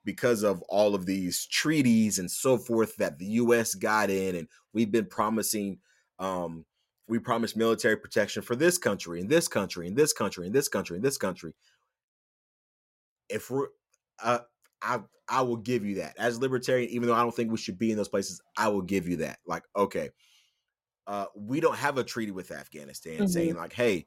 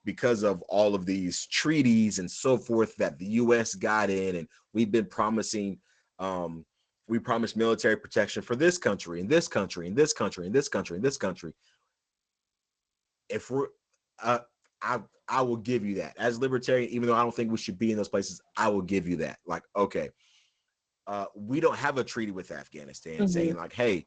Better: first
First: none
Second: garbled, watery; slightly; nothing above 7.5 kHz

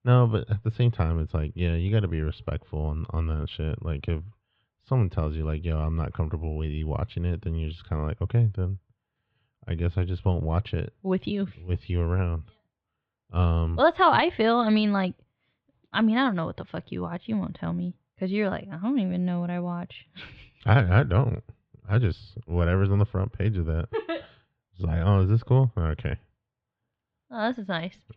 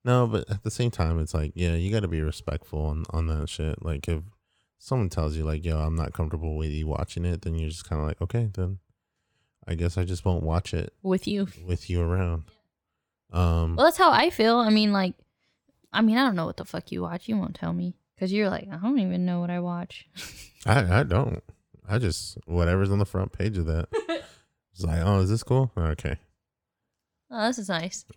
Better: second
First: muffled; slightly; fading above 3.5 kHz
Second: none

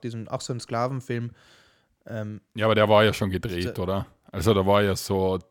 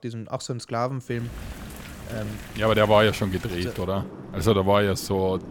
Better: first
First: none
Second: rain or running water; noticeable; from 1 s on; 15 dB below the speech

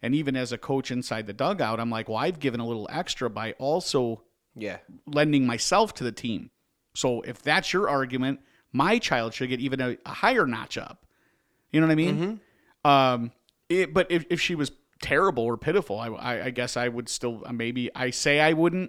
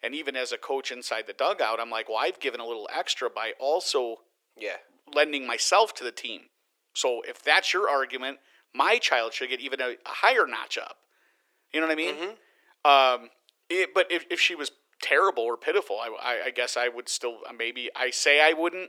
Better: first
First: none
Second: thin; very; fading below 400 Hz

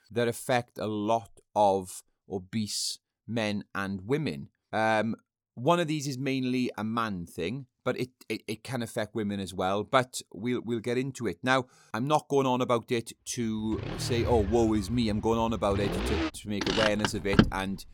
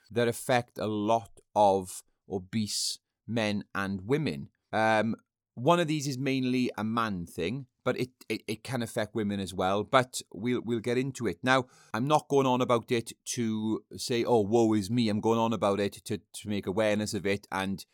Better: second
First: traffic noise; loud; from 14 s on; 1 dB below the speech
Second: none

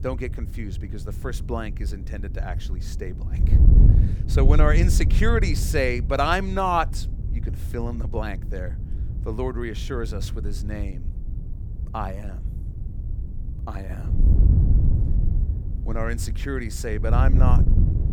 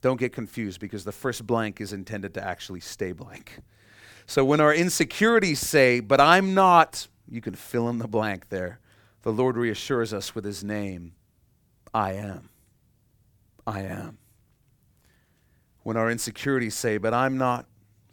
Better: second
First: wind noise on the microphone; occasional gusts; 10 dB below the speech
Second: none

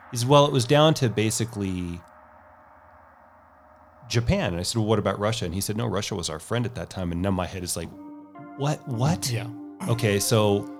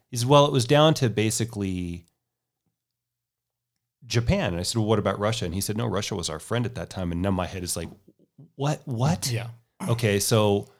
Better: second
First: background music; faint; throughout; 20 dB below the speech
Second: none

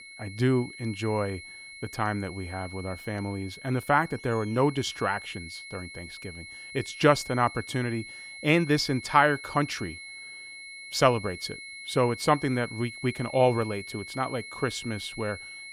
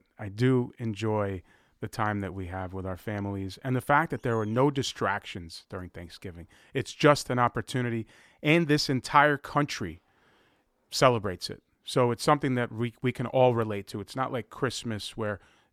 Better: second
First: high-pitched whine; noticeable; throughout; 2 kHz, 15 dB below the speech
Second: none

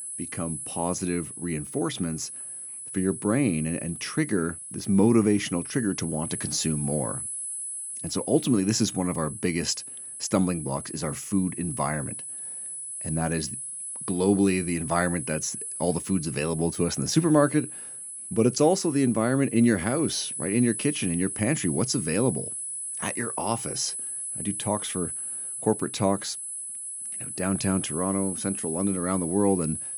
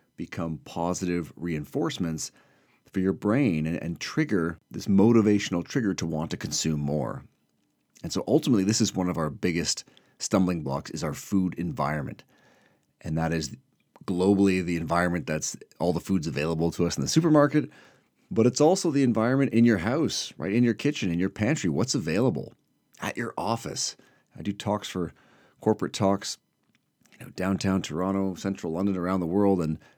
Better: second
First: high-pitched whine; loud; throughout; 10 kHz, 6 dB below the speech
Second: none

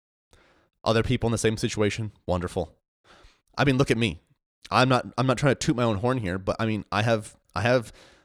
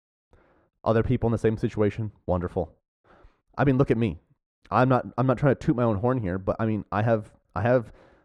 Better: first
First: none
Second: muffled; very; fading above 2.5 kHz

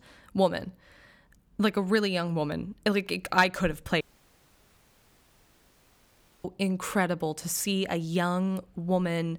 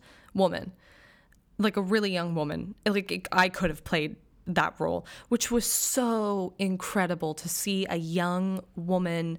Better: second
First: audio cutting out; at 4 s for 2.5 s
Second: none

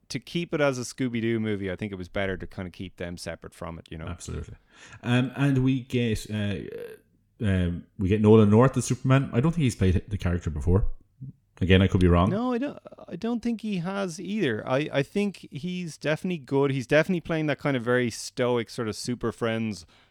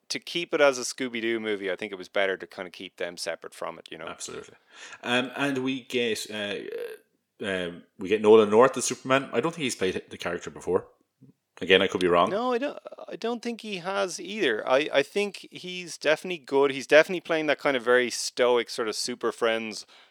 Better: first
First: none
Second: thin; somewhat; fading below 450 Hz

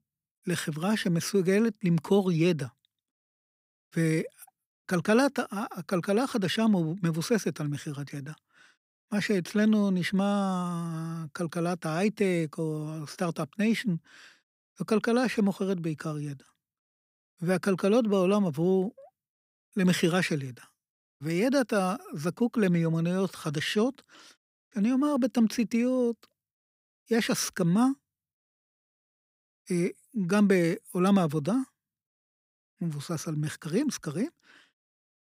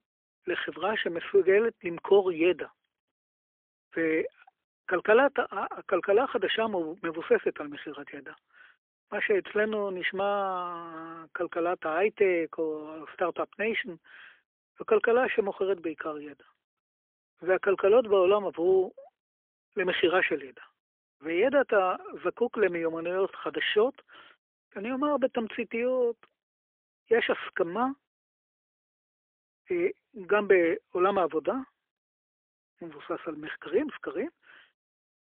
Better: first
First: none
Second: phone-call audio; poor line; nothing above 3.5 kHz

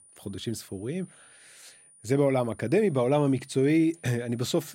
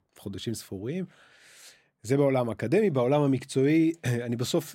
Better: second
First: high-pitched whine; faint; throughout; 9.5 kHz, 25 dB below the speech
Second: none

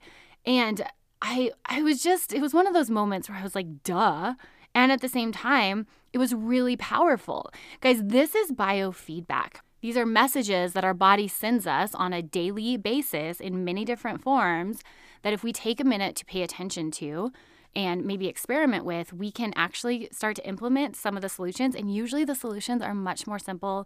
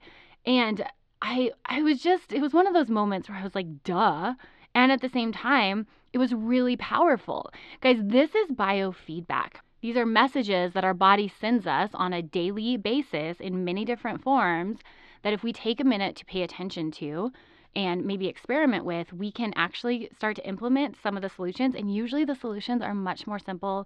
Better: first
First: none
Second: muffled; very slightly; fading above 4 kHz

